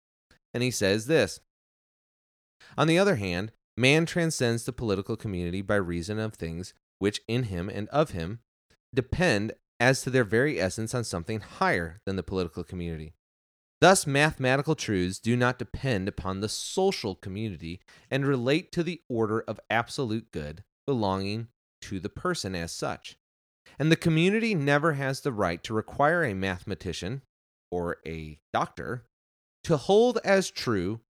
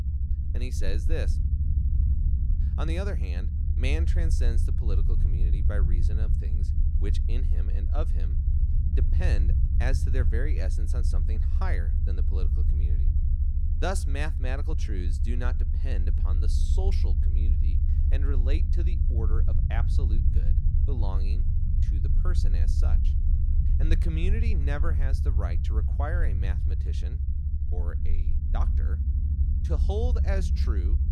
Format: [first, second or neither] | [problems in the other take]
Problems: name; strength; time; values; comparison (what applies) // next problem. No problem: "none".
first | low rumble; loud; throughout; 5 dB below the speech